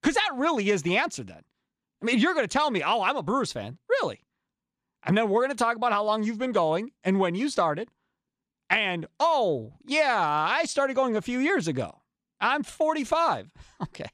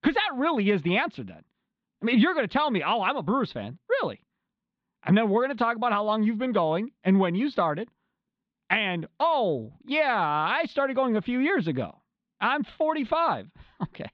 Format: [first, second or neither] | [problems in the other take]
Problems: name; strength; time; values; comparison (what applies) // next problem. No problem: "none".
first | muffled; slightly; fading above 3.5 kHz